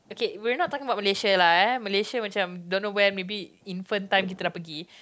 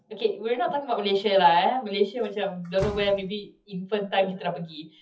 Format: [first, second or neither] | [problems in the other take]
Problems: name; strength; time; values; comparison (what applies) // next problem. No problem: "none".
first | noise reduction (classical method WPE with log-MMSE)